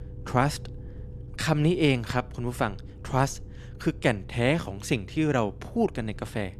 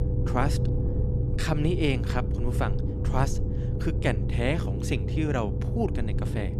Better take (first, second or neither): first